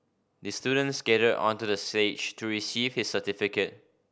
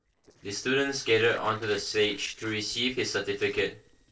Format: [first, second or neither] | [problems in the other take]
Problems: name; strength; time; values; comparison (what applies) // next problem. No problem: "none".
first | noise reduction (neural separator model SepFormer DNS4)